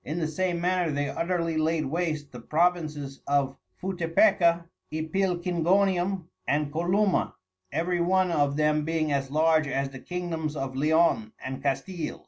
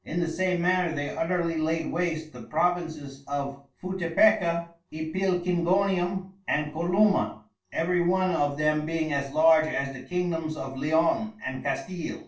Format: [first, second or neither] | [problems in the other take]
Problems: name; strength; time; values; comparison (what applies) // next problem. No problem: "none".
first | room echo; dies away in 0.3 s